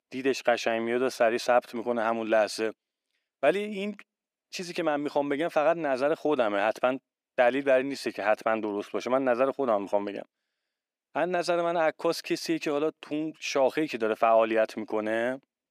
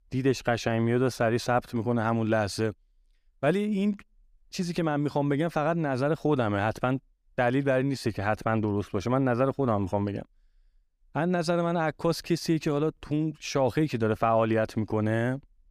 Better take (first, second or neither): second